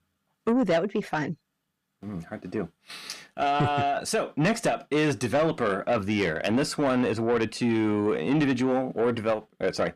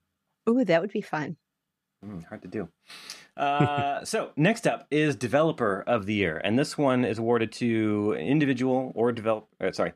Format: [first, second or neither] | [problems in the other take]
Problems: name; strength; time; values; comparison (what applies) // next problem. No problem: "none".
second | distortion; slight; 10 dB below the speech